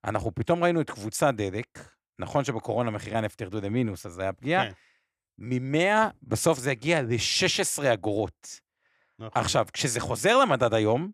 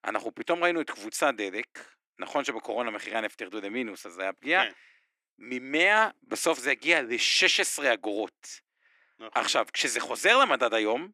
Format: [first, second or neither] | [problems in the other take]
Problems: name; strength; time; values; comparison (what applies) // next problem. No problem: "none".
first | thin; somewhat; fading below 300 Hz